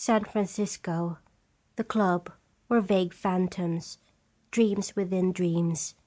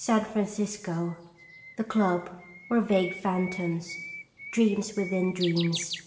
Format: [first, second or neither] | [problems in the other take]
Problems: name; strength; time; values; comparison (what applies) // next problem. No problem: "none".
first | background sound (Bird); 14 dB below the speech // room echo; dies away in 0.8 s